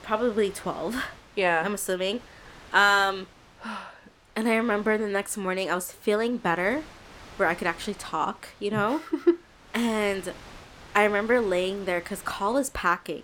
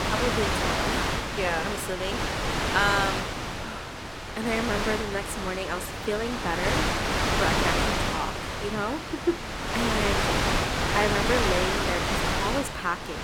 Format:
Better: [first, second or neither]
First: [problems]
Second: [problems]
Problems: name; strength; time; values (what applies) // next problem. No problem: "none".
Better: first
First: wind noise on the microphone; occasional gusts; 25 dB below the speech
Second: wind noise on the microphone; heavy; 3 dB above the speech